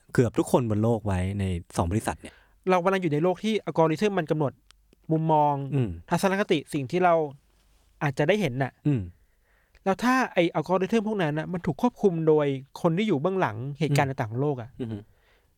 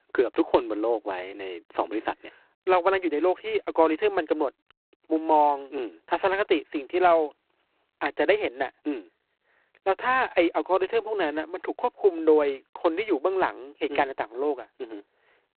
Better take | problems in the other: first | phone-call audio; poor line; nothing above 4 kHz

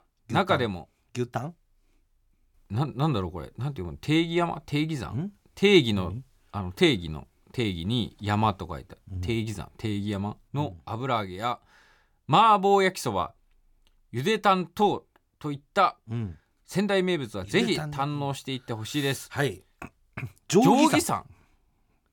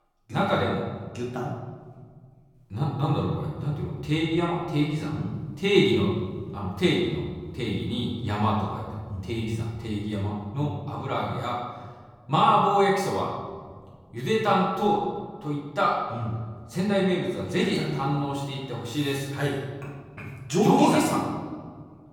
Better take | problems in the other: first | room echo; noticeable; dies away in 1.4 s // off-mic speech; far

